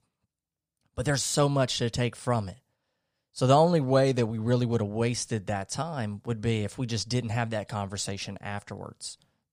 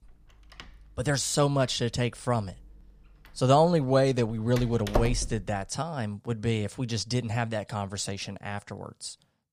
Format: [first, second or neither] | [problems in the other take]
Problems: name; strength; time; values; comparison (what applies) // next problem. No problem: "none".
first | door banging; noticeable; at 4.5 s; peak 3 dB below the speech